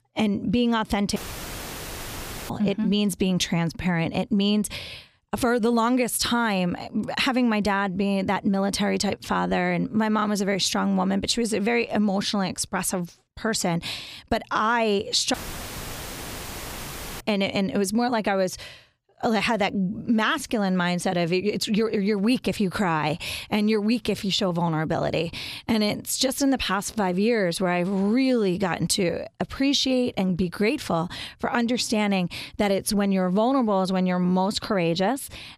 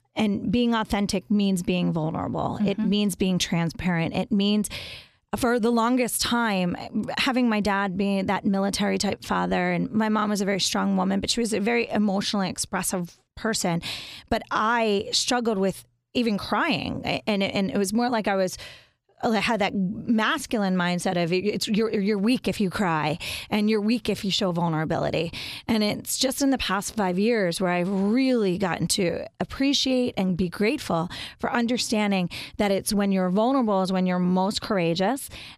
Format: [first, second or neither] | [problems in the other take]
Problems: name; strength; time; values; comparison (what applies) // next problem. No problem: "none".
second | audio cutting out; filled with static; at 1 s for 1.5 s and at 15 s for 2 s